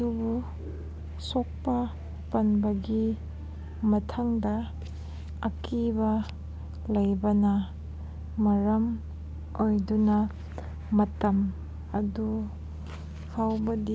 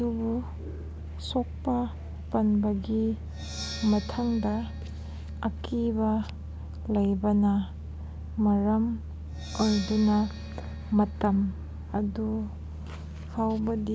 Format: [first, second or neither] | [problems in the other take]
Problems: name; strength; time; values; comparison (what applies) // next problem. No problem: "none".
first | background sound (Percussion); 19 dB below the speech